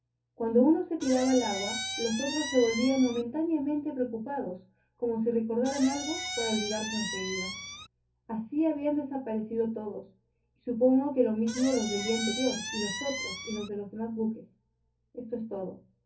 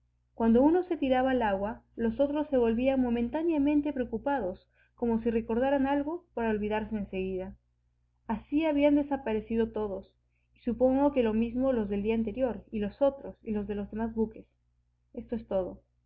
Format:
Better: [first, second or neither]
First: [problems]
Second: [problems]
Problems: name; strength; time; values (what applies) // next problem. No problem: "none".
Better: second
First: background sound (Squeak); 6 dB below the speech // room echo; dies away in 0.3 s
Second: none